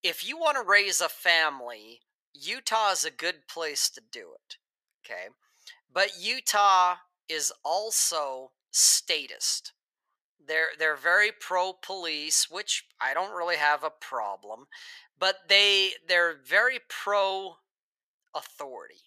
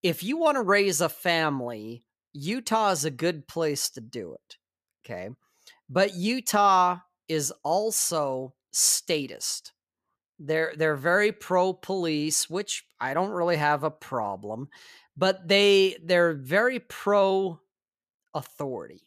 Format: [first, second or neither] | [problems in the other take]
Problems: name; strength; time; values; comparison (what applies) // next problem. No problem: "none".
second | thin; very; fading below 750 Hz